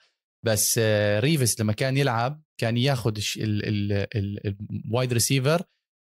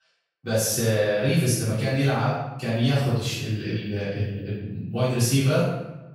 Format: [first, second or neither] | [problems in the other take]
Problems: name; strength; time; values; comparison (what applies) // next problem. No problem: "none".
first | off-mic speech; far // room echo; strong; dies away in 0.8 s